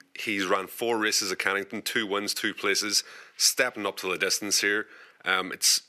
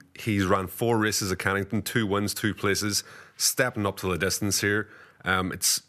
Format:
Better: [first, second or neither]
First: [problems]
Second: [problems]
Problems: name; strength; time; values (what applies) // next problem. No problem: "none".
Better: second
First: thin; somewhat; fading below 350 Hz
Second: none